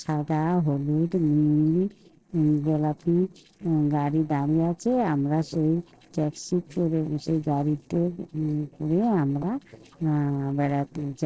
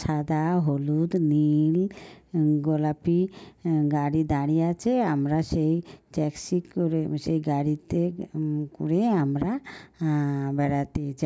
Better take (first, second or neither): second